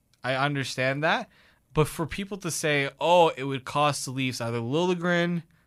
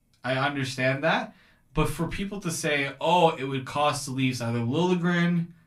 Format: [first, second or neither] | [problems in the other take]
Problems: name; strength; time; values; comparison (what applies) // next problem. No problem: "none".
first | off-mic speech; far // room echo; very slight; dies away in 0.2 s